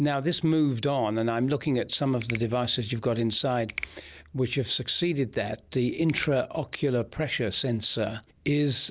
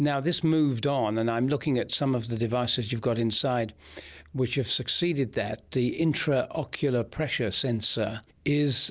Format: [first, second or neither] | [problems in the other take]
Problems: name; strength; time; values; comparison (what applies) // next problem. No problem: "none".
second | background sound (Finger snapping); 16 dB below the speech